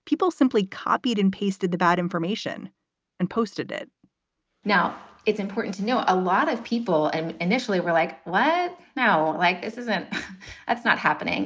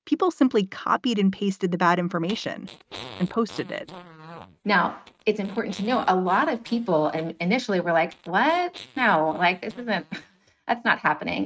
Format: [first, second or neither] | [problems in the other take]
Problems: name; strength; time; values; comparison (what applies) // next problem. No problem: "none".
first | noise reduction (neural mask model RNNoise)